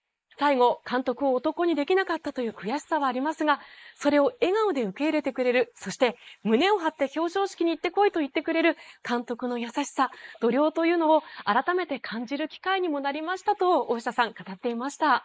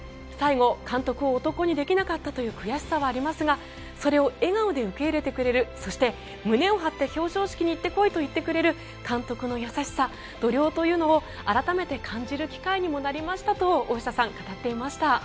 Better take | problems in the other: second | noise reduction (neural mask model Resemble Enhance denoiser)

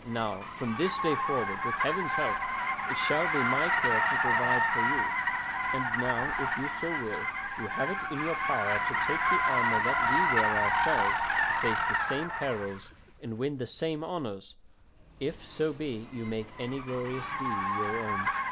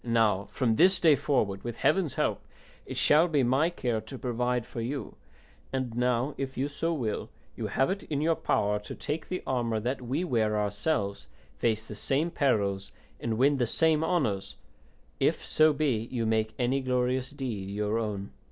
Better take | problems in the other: second | background sound (Car); 4 dB above the speech

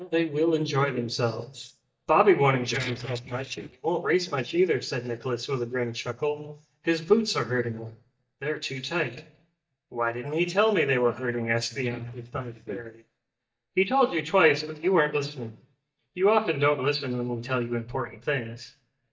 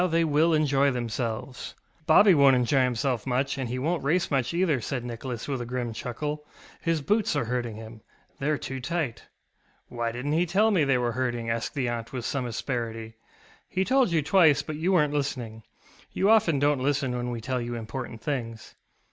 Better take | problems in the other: second | noise reduction (neural mask model DeepFilterNet 3)

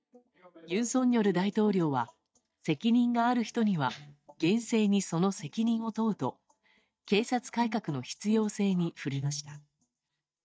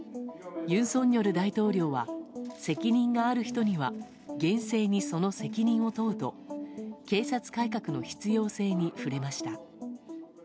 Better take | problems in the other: second | noise reduction (neural mask model DeepFilterNet 3)

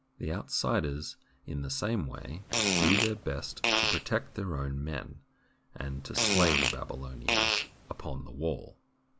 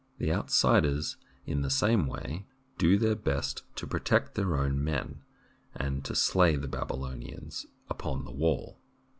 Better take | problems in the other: second | background sound (Fart); 3 dB above the speech

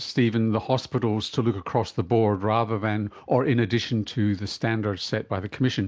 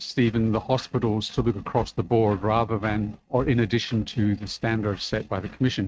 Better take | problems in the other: first | noise reduction (neural mask model RNNoise)

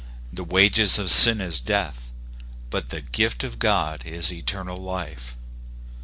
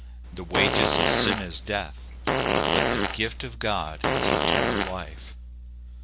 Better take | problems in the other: first | background sound (Fart); 5 dB above the speech

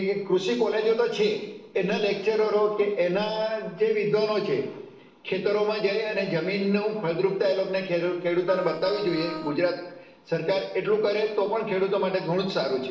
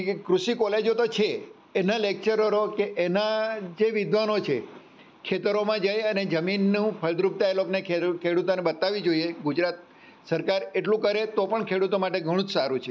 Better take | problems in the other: second | noise reduction (neural separator model SepFormer DNS4)

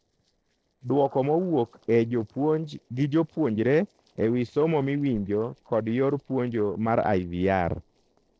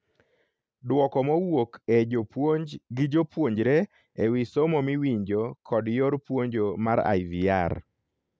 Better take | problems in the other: second | noise reduction (neural separator model SepFormer DNS4)

